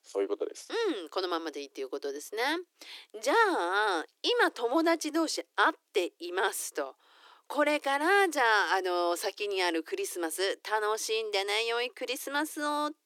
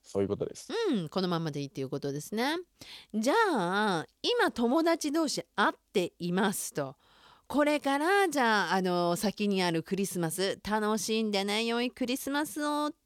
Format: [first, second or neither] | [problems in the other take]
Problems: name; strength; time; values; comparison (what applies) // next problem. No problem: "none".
second | thin; somewhat; fading below 300 Hz